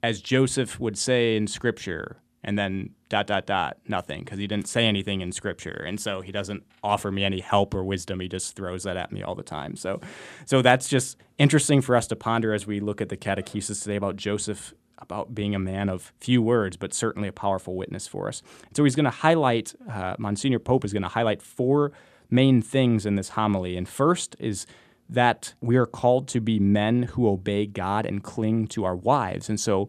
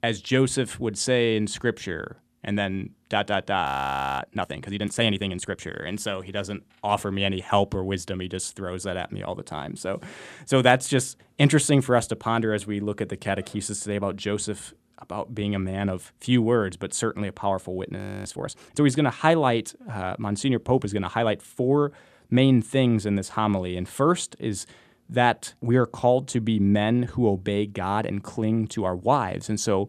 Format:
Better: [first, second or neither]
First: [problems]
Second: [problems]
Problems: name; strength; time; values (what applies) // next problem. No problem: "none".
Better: first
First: none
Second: audio freezing; at 3.5 s for 0.5 s and at 18 s